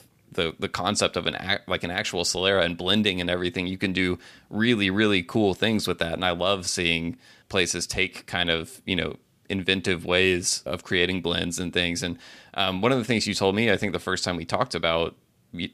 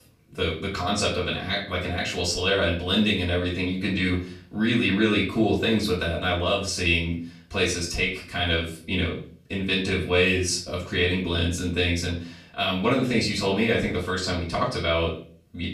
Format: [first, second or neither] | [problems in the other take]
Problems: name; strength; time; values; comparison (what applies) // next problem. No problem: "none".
first | off-mic speech; far // room echo; slight; dies away in 0.4 s